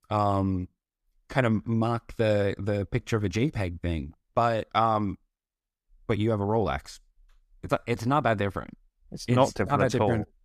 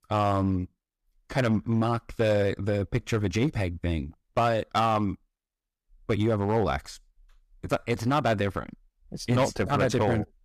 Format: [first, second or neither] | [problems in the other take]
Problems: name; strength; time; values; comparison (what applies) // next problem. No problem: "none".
first | distortion; slight; 4% of the sound clipped